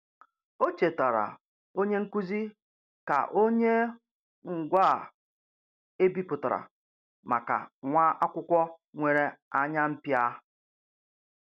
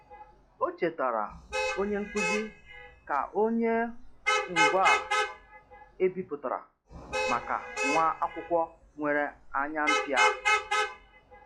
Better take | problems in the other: first | noise reduction (classical method log-MMSE)

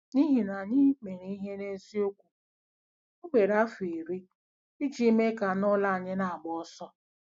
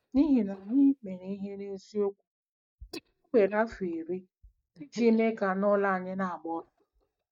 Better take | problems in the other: first | noise reduction (neural mask model DeepFilterNet 3)

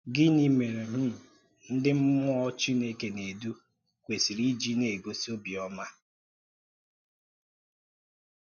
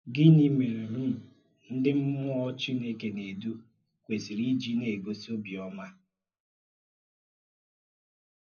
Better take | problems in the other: first | room echo; dies away in 0.4 s

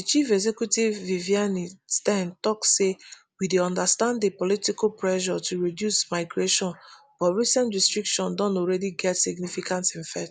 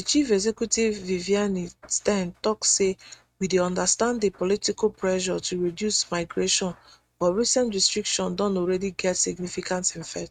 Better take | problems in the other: first | noise reduction (neural mask model RNNoise)

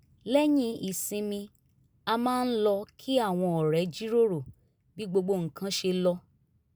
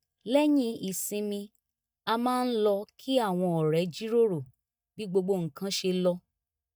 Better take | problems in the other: first | noise reduction (neural mask model DeepFilterNet 3)

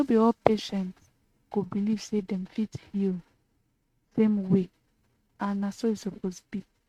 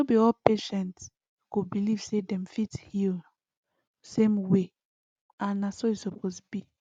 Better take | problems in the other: second | noise reduction (neural mask model RNNoise)

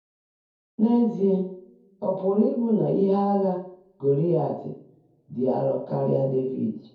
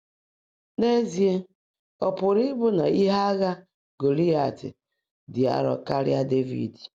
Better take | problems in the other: second | room echo; dies away in 0.6 s

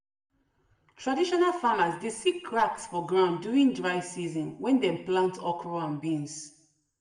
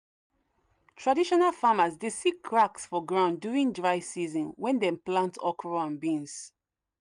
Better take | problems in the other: second | room echo; dies away in 0.6 s

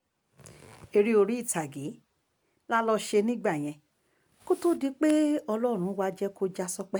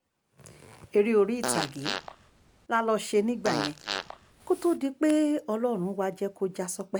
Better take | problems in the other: first | background sound (Fart); 7 dB below the speech

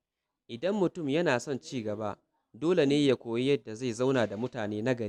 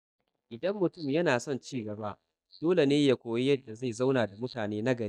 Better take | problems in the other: first | noise reduction (neural mask model DeepFilterNet 3)

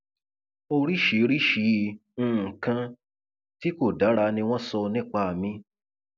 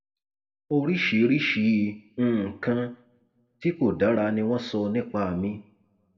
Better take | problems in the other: first | room echo; dies away in 0.6 s

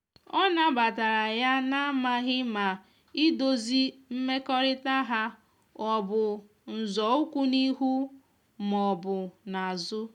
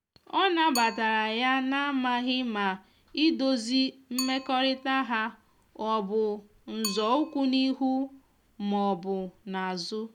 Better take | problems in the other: first | background sound (Bicycle); 16 dB below the speech

